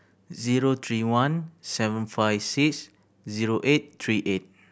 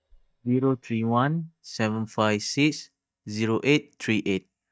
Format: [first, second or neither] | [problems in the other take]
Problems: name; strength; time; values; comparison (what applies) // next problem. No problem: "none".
first | noise reduction (neural mask model DeepFilterNet 3)